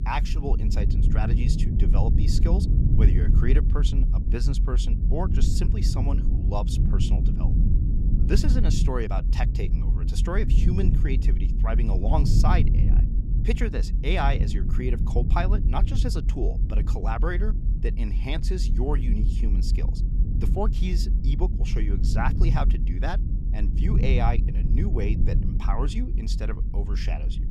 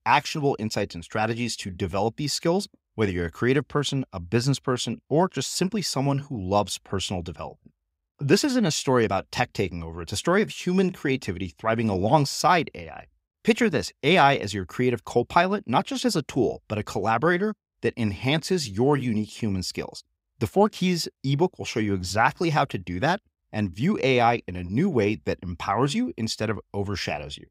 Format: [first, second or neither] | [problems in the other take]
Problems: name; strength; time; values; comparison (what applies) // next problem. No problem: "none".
second | low rumble; loud; throughout; 6 dB below the speech